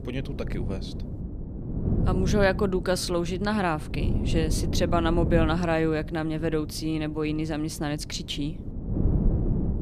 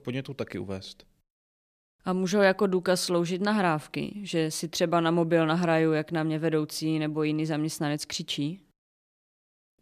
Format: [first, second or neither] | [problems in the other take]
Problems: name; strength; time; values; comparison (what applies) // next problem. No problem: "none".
second | wind noise on the microphone; occasional gusts; 10 dB below the speech